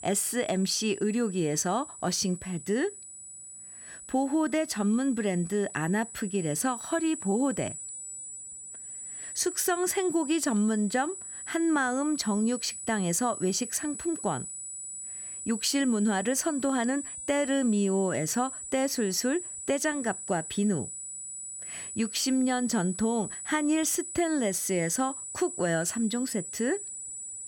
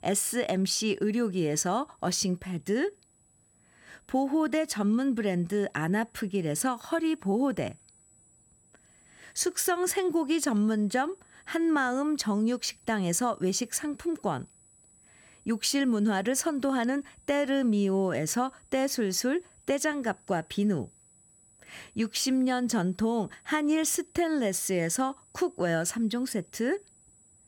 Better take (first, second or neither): second